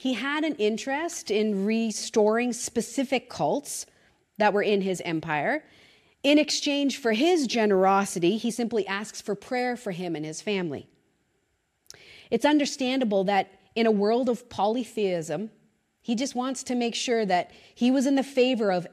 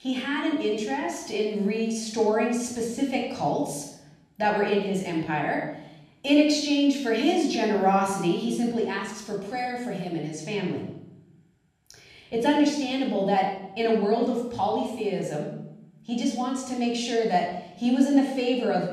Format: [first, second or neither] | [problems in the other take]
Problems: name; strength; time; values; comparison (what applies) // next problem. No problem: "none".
first | off-mic speech; somewhat distant // room echo; noticeable; dies away in 0.8 s